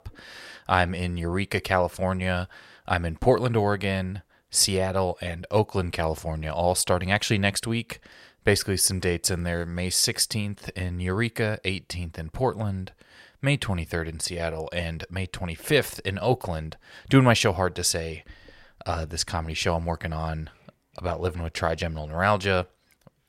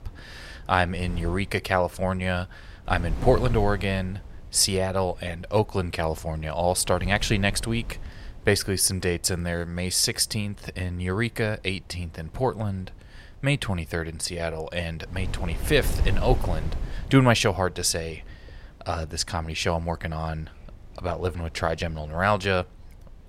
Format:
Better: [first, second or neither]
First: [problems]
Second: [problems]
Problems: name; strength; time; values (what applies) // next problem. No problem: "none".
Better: first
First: none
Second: wind noise on the microphone; occasional gusts; 20 dB below the speech